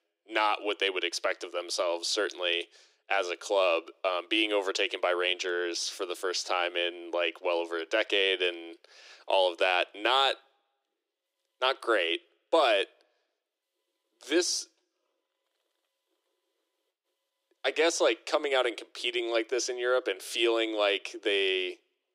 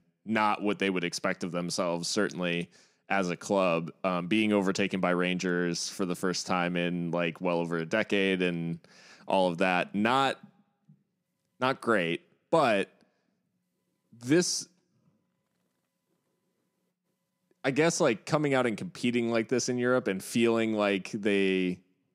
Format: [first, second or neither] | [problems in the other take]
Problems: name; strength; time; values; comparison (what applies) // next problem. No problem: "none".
second | thin; very; fading below 350 Hz